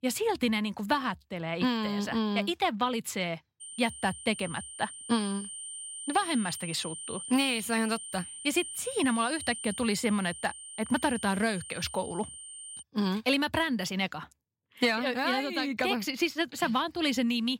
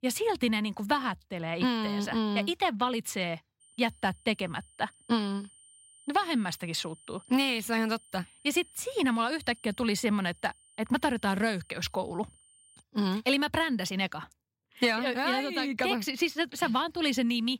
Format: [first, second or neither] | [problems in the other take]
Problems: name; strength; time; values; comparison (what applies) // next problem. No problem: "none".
second | high-pitched whine; loud; from 3.5 to 13 s; 9 kHz, 9 dB below the speech; faint in the second